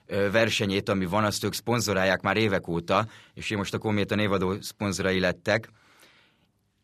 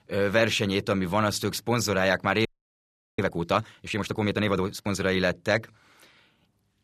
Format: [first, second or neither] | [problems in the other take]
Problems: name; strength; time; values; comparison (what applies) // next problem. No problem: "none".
first | audio freezing; at 2.5 s for 0.5 s